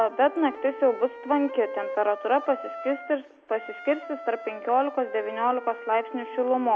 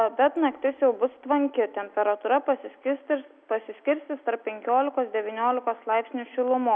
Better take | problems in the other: second | background sound (Wind instrument, woodwind instrument); 13 dB below the speech

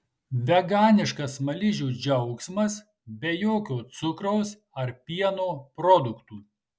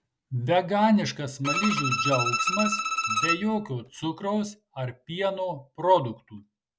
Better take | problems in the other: first | background sound (Bowed string instrument); 1 dB below the speech

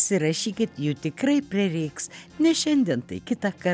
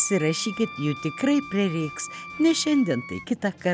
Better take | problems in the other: first | background sound (Wind instrument, woodwind instrument); 15 dB below the speech

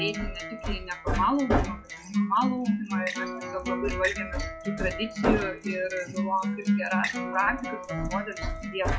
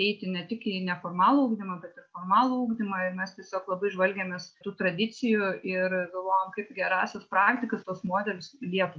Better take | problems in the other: second | noise reduction (classical method log-MMSE)

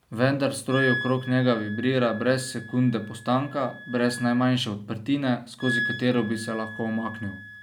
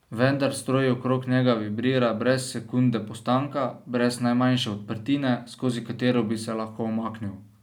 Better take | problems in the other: second | background sound (Wind instrument, woodwind instrument); 11 dB below the speech

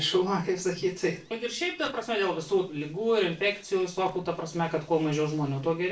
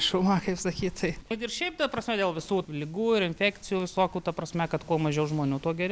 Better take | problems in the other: second | noise reduction (neural separator model SepFormer DNS4)

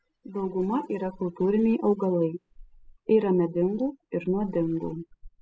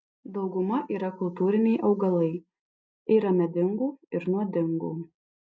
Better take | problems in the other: second | noise reduction (classical method spectral subtraction)

